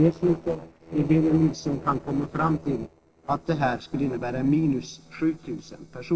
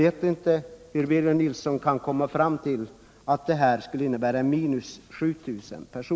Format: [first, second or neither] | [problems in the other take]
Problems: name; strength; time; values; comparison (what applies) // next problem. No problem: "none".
second | noise reduction (neural separator model SepFormer DNS4)